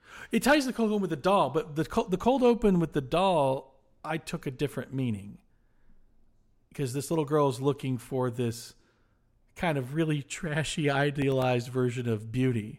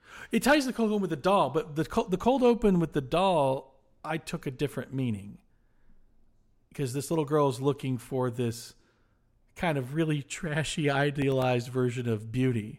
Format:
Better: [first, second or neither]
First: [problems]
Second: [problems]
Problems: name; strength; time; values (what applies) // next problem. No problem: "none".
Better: neither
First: none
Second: none